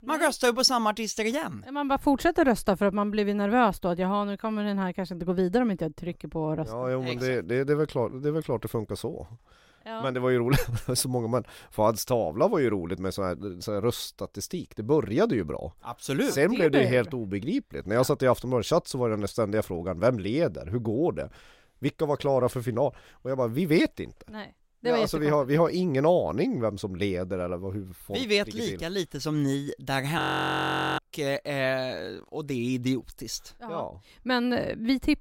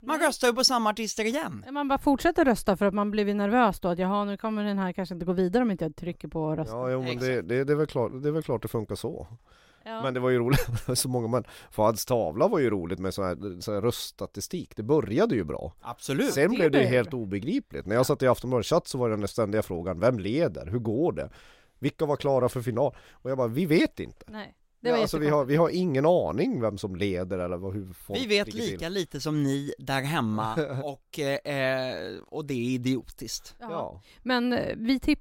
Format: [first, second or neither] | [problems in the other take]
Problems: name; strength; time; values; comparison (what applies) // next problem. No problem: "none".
second | audio freezing; at 30 s for 1 s